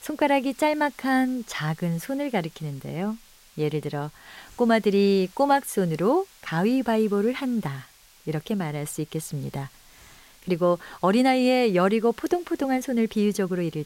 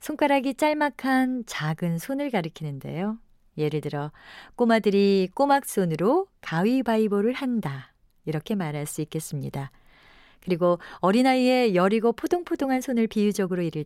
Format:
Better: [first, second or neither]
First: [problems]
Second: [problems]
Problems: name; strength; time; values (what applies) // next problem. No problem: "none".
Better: second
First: hiss; faint; throughout; 25 dB below the speech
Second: none